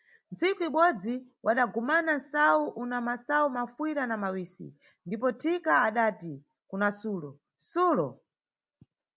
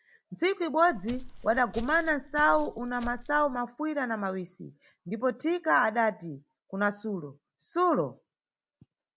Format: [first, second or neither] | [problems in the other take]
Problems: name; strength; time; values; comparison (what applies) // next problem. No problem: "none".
first | background sound (Walk, footsteps); 11 dB below the speech